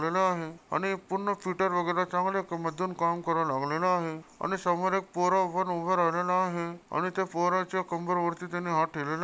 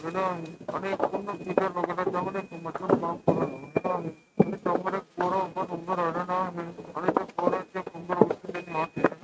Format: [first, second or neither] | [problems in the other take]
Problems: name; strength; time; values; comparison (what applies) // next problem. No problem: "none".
first | noise reduction (neural mask model RNNoise)